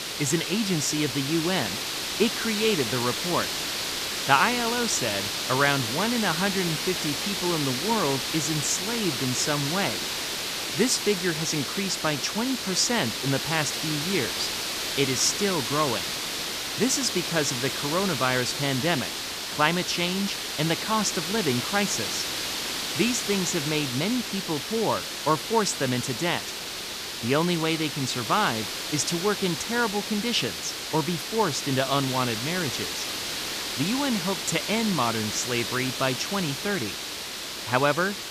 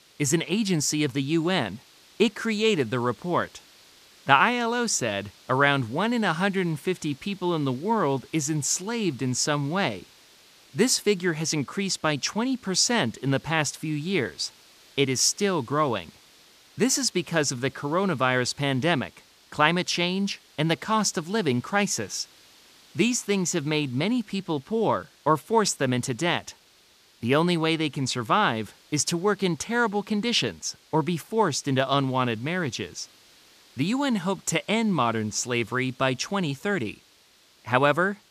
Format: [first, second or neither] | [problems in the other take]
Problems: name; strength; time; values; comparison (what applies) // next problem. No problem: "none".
second | hiss; loud; throughout; 2 dB below the speech; faint in the second